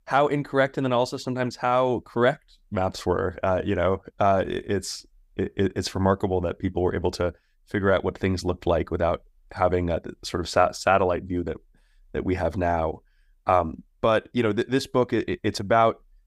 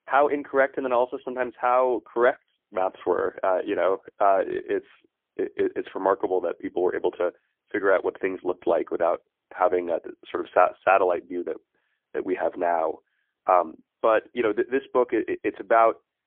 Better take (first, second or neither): first